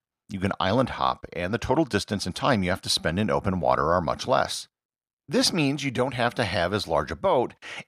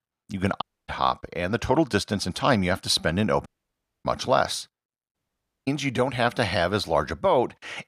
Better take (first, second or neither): first